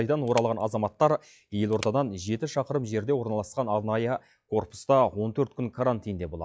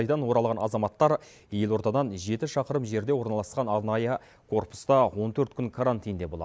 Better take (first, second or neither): second